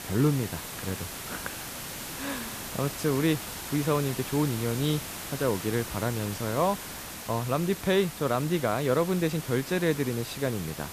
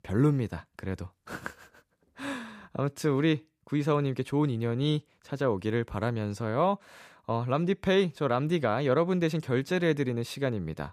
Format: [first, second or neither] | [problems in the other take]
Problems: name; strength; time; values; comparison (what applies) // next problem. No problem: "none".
second | hiss; loud; throughout; 8 dB below the speech